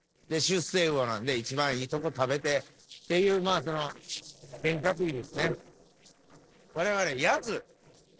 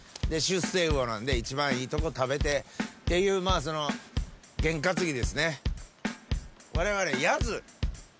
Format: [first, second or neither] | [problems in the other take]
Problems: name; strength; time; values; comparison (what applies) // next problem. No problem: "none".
second | noise reduction (neural separator model SepFormer DNS4)